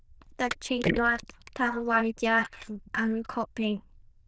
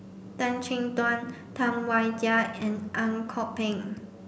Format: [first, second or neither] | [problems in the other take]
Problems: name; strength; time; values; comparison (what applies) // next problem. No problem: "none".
second | noise reduction (neural diffusion model UNIVERSE++)